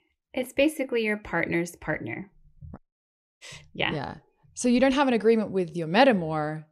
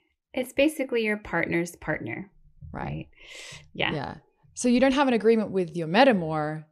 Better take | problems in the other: second | audio cutting out; at 3 s for 0.5 s

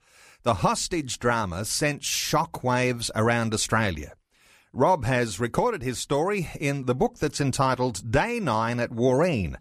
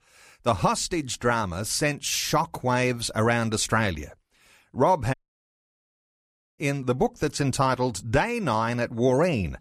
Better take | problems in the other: first | audio cutting out; at 5 s for 1.5 s

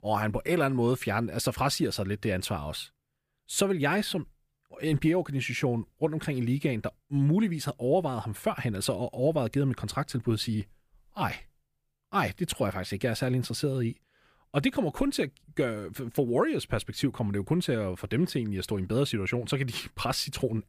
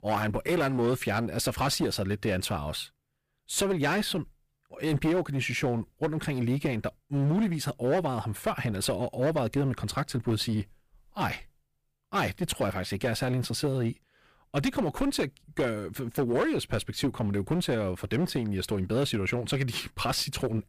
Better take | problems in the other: first | distortion; slight; 10% of the sound clipped

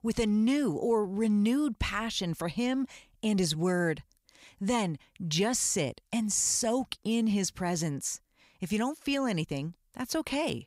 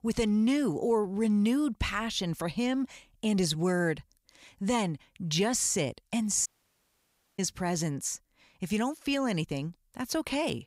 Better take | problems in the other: first | audio cutting out; at 6.5 s for 1 s

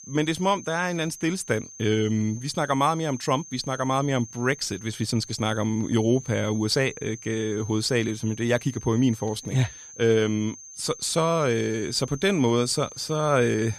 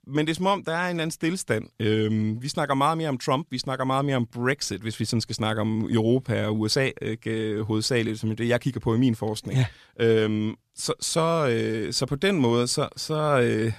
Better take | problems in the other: second | high-pitched whine; noticeable; throughout; 6.5 kHz, 15 dB below the speech

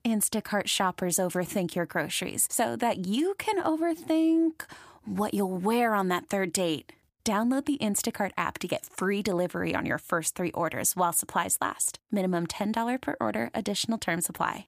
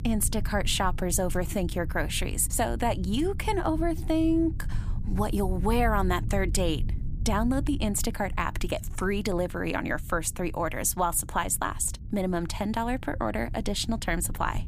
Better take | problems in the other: first | low rumble; faint; throughout; 20 dB below the speech

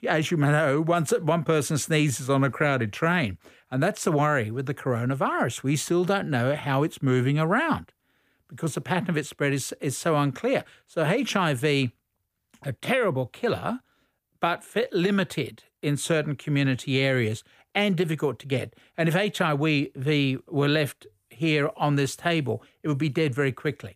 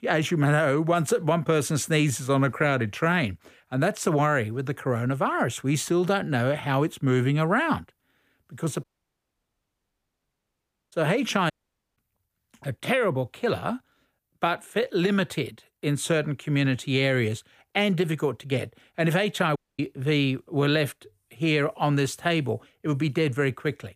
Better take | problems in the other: first | audio cutting out; at 9 s for 2 s, at 12 s and at 20 s

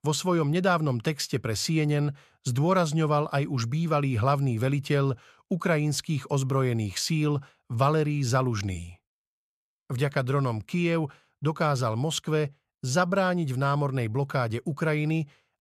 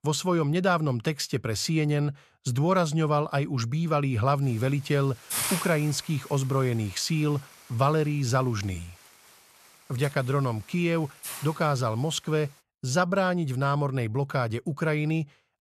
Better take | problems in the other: first | hiss; loud; from 4.5 to 13 s; 8 dB below the speech

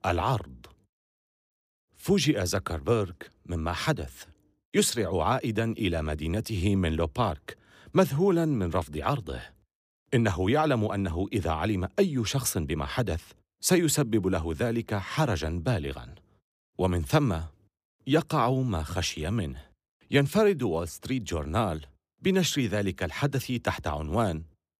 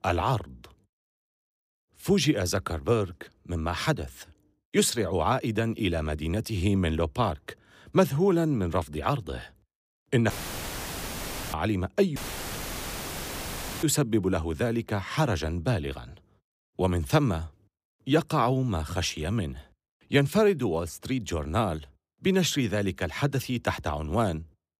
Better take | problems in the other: first | audio cutting out; filled with static; at 10 s for 1 s and at 12 s for 1.5 s

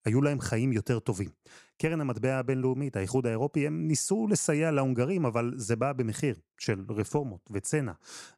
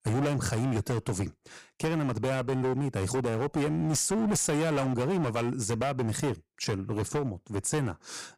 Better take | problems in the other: first | distortion; heavy; 21% of the sound clipped

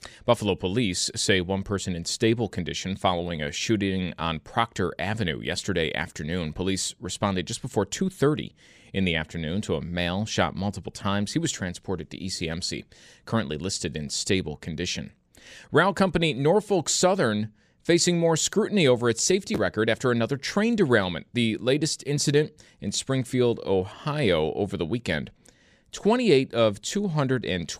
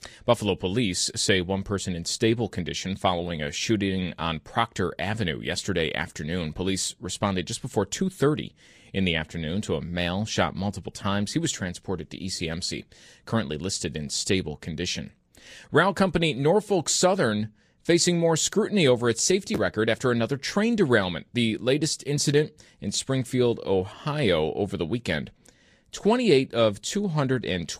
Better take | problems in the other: first | garbled, watery; slightly; nothing above 15 kHz

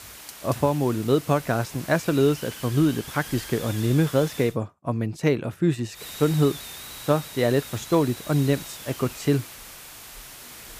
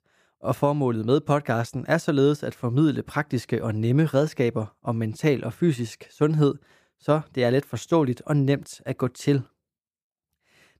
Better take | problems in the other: second | hiss; noticeable; until 4.5 s and from 6 s on; 15 dB below the speech

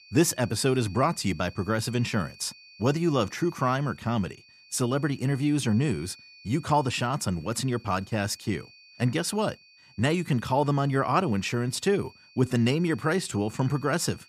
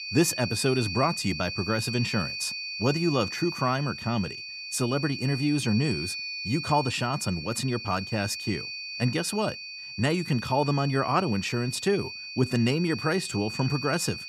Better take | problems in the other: first | high-pitched whine; loud; throughout; 2.5 kHz, 7 dB below the speech; faint in the first

